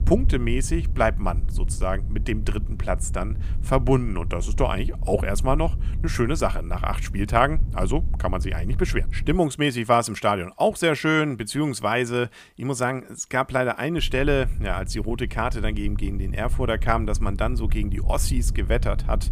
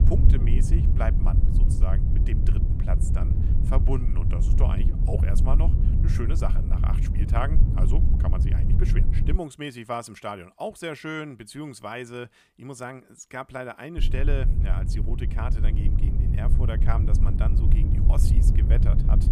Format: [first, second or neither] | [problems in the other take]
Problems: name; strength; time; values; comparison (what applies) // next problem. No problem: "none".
first | low rumble; loud; until 9.5 s and from 14 s on; 4 dB below the speech; faint in the first